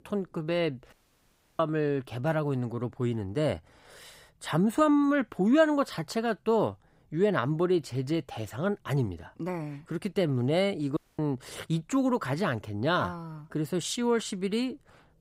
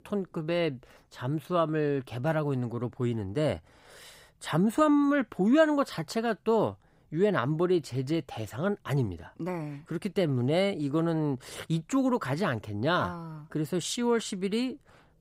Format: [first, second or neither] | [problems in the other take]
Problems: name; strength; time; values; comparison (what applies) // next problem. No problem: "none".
second | audio cutting out; at 1 s for 0.5 s and at 11 s